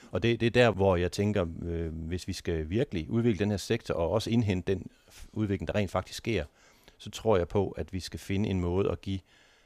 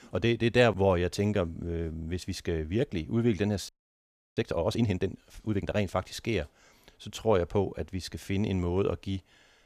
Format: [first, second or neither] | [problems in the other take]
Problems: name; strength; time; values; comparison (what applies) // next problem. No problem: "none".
first | audio freezing; at 3.5 s for 0.5 s